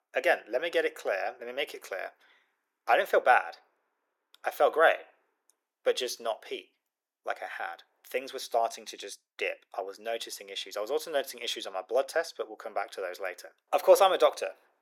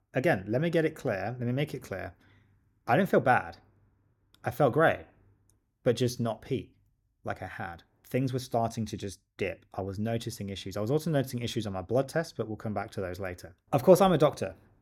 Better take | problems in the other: second | thin; very; fading below 450 Hz

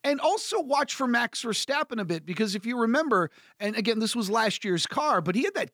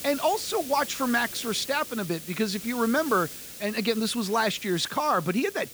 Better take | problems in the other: first | hiss; noticeable; throughout; 10 dB below the speech

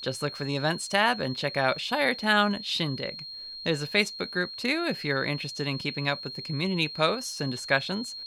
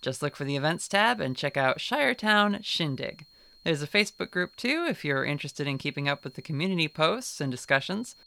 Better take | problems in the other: second | high-pitched whine; loud; throughout; 4 kHz, 9 dB below the speech; faint in the second

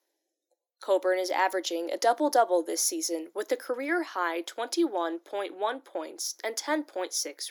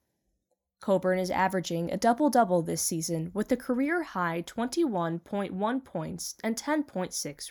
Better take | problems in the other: second | thin; somewhat; fading below 300 Hz

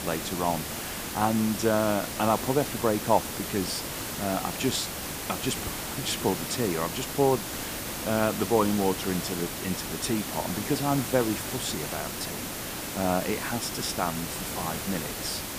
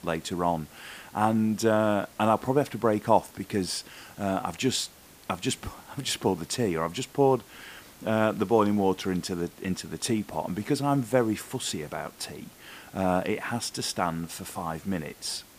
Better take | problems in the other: second | hiss; loud; throughout; 4 dB below the speech; faint in the second

